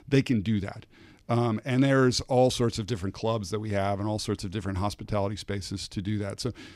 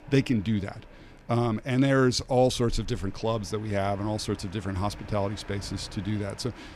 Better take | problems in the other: first | train or aircraft noise; noticeable; throughout; 20 dB below the speech

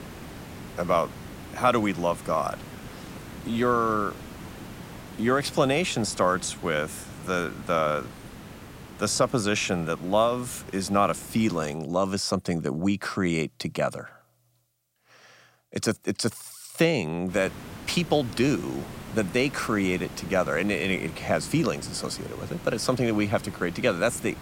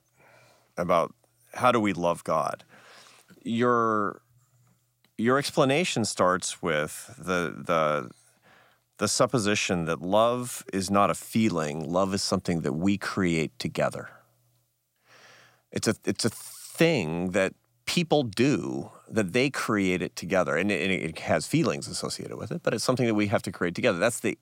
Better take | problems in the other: second | hiss; noticeable; until 12 s and from 17 s on; 15 dB below the speech

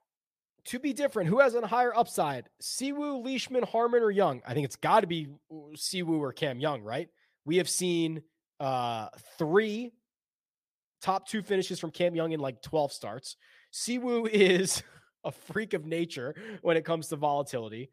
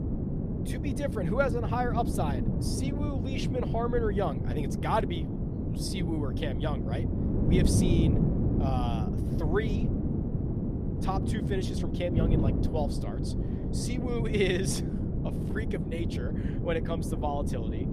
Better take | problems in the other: first | wind noise on the microphone; heavy; 4 dB below the speech

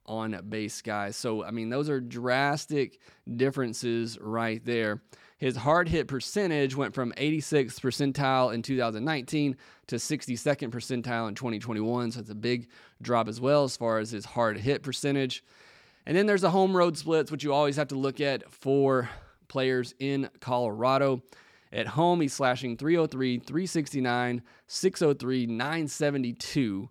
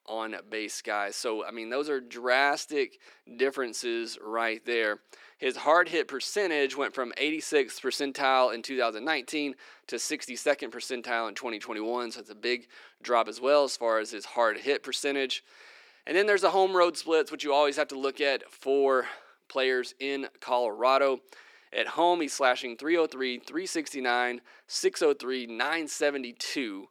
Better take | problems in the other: first | thin; somewhat; fading below 350 Hz

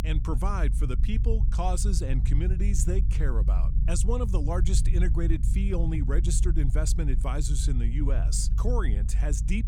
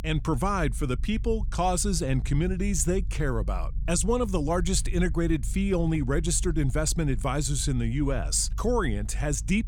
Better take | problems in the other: second | low rumble; loud; throughout; 10 dB below the speech; faint in the second

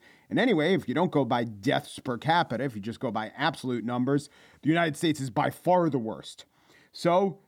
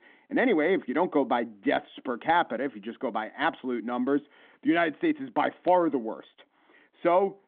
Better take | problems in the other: first | phone-call audio; nothing above 3.5 kHz

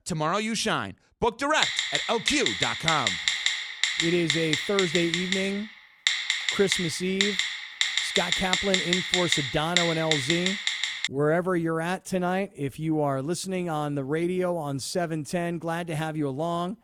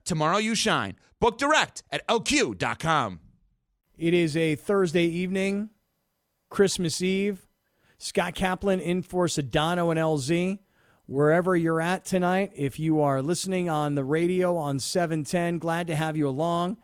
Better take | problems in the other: second | phone ringing; loud; from 1.5 to 11 s; peak 4 dB above the speech

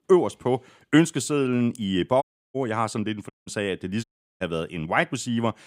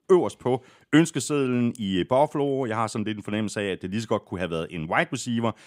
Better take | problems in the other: second | audio cutting out; at 2 s, at 3.5 s and at 4 s

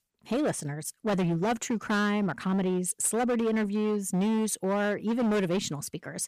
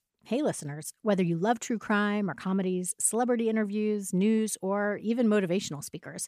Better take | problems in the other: second | distortion; slight; 18% of the sound clipped

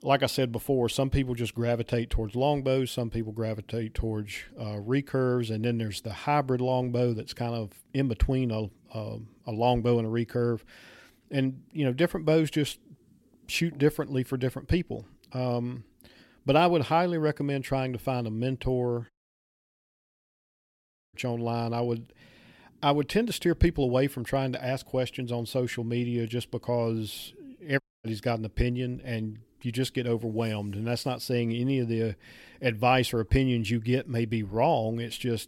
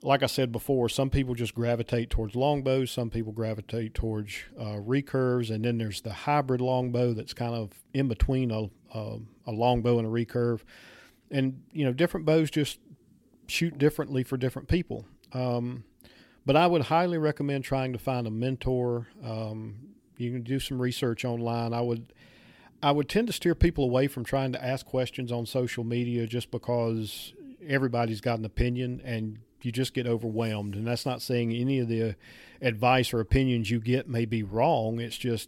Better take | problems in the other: second | audio cutting out; at 19 s for 2 s and at 28 s

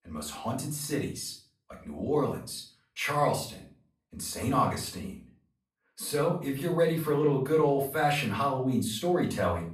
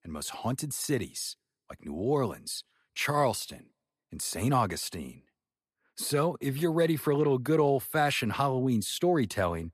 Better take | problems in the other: second | room echo; slight; dies away in 0.4 s // off-mic speech; far

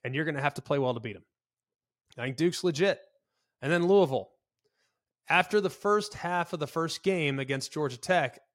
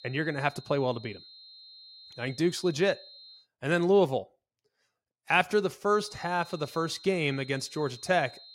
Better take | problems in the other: first | high-pitched whine; noticeable; until 3.5 s and from 6 s on; 4 kHz, 20 dB below the speech

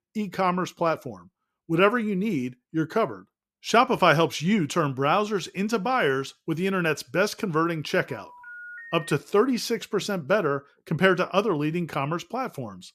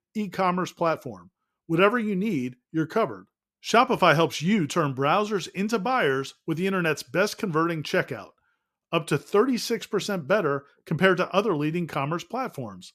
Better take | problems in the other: second | phone ringing; faint; from 8 to 9 s; peak 15 dB below the speech

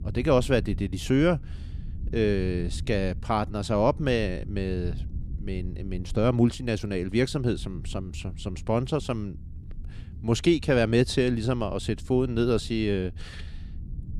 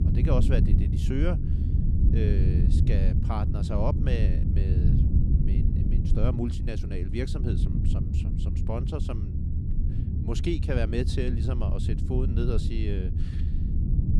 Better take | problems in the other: first | low rumble; loud; throughout; 4 dB below the speech; faint in the first

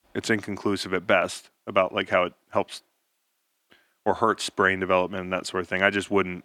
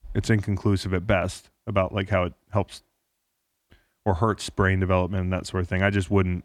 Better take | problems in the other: second | thin; somewhat; fading below 300 Hz

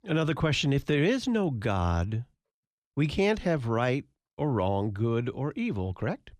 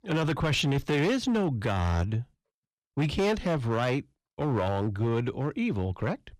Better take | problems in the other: first | distortion; slight; 9% of the sound clipped

